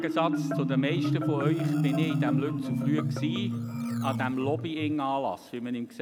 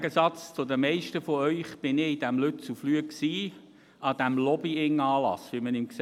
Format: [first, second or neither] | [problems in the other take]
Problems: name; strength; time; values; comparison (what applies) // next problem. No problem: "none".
second | background sound (Marimba, xylophone); 1 dB above the speech